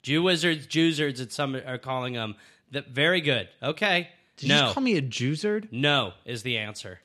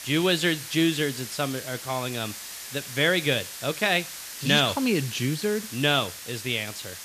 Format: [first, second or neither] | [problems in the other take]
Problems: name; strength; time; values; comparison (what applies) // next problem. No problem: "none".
first | hiss; noticeable; throughout; 10 dB below the speech